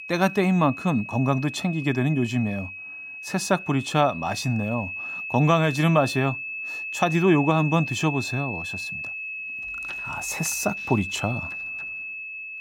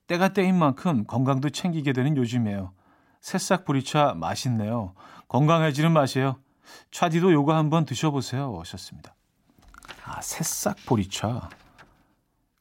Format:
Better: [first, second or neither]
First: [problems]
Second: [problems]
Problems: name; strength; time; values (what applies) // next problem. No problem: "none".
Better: second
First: high-pitched whine; loud; throughout; 2.5 kHz, 8 dB below the speech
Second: none